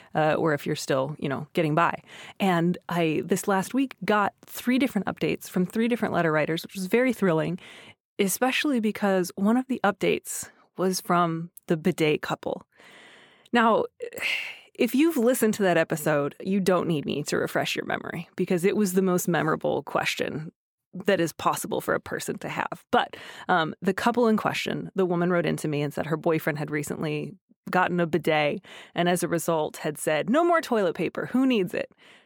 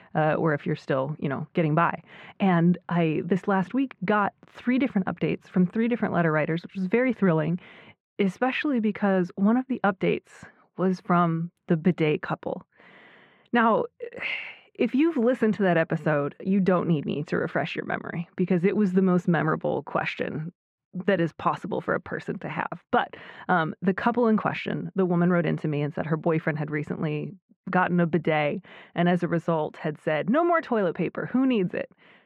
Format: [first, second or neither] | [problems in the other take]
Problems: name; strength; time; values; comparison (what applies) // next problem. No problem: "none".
first | muffled; very; fading above 2 kHz